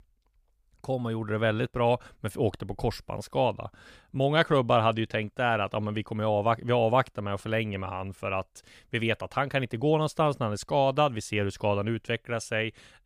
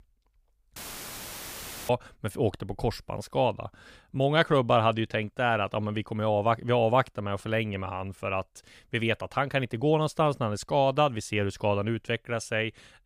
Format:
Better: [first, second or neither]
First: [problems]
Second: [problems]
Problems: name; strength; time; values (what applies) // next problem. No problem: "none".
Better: first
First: none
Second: audio cutting out; filled with static; at 1 s for 1 s